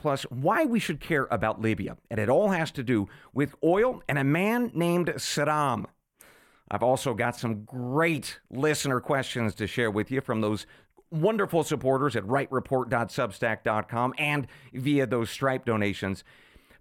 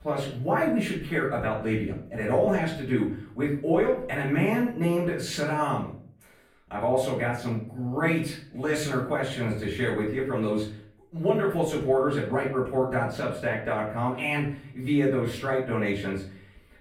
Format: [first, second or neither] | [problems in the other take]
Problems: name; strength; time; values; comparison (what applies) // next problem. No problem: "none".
first | off-mic speech; far // room echo; noticeable; dies away in 0.5 s